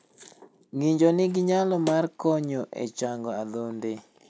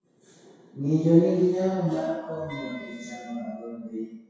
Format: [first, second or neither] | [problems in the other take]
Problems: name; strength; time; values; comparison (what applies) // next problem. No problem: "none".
first | noise reduction (classical method WPE with log-MMSE)